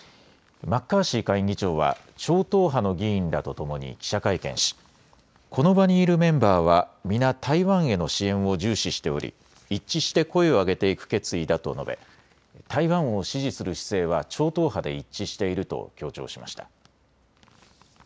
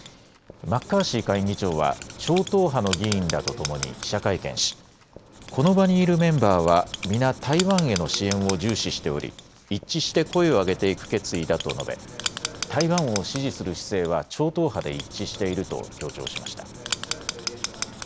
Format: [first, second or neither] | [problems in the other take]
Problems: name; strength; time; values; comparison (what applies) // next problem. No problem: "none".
first | background sound (Writing); 11 dB below the speech